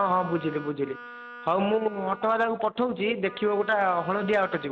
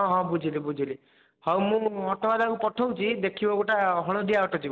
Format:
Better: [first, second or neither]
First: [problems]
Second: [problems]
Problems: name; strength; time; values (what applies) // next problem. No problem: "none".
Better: second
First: background sound (Wind instrument, woodwind instrument); 17 dB below the speech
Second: none